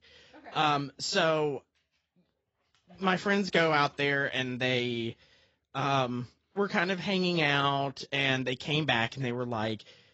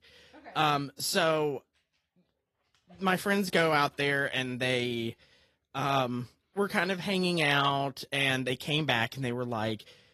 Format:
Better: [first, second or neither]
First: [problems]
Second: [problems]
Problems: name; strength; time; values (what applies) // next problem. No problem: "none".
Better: second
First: garbled, watery; badly; nothing above 7.5 kHz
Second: garbled, watery; slightly; nothing above 12.5 kHz